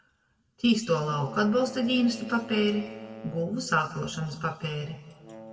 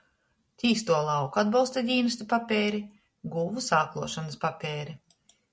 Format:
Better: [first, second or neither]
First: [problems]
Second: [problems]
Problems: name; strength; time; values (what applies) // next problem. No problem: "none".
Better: second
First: background sound (Wind instrument, woodwind instrument); 18 dB below the speech // room echo; dies away in 1.5 s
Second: none